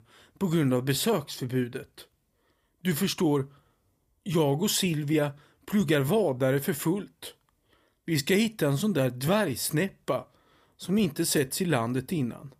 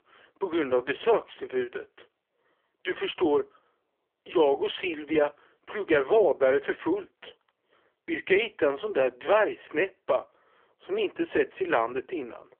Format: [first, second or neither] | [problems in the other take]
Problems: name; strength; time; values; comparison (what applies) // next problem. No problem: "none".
first | phone-call audio; poor line; nothing above 3.5 kHz